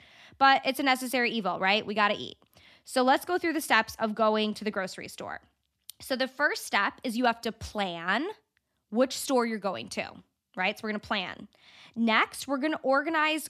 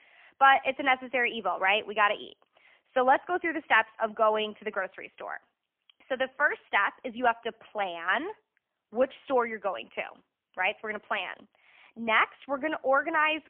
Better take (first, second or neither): first